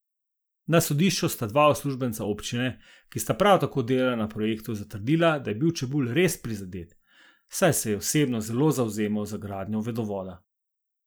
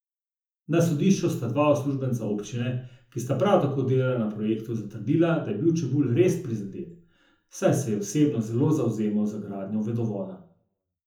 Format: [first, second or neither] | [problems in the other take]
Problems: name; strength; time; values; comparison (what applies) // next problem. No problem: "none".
first | room echo; dies away in 0.6 s